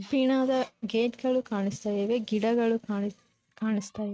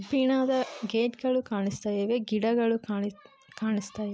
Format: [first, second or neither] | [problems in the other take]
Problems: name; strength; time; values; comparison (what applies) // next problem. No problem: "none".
second | noise reduction (neural mask model RNNoise)